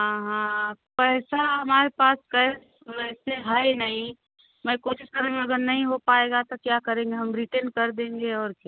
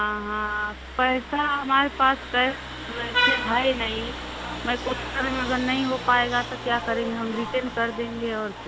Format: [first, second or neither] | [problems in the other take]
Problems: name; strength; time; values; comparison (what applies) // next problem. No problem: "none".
first | background sound (Vehicle horn, car horn, honking); 6 dB below the speech